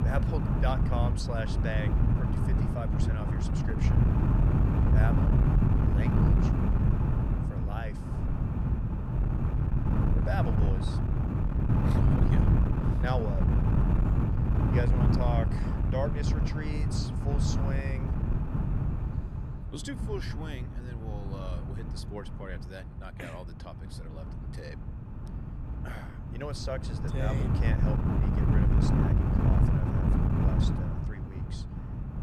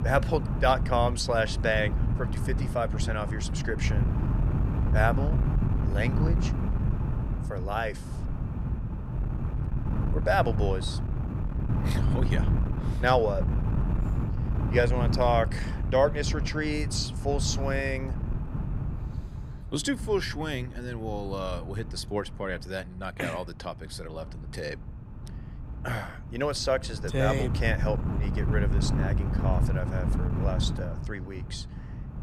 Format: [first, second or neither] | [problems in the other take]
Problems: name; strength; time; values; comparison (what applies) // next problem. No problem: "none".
second | wind noise on the microphone; heavy; 2 dB above the speech; occasional gusts in the second